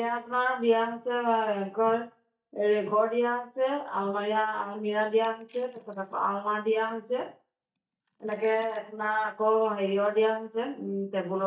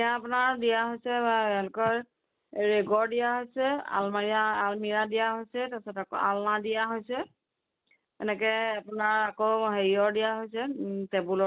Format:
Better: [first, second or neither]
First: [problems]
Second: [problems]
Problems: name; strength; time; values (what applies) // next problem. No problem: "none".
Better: second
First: noise reduction (neural mask model DeepFilterNet 3)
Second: none